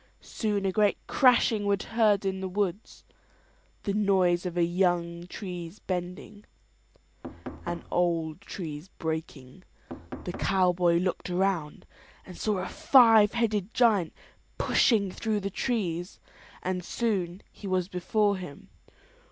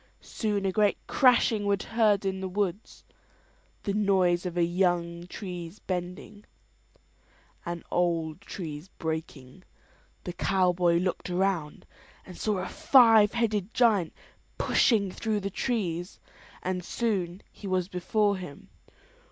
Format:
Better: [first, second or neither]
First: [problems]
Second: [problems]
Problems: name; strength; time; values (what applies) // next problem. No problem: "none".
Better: second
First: background sound (Knock); 12 dB below the speech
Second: none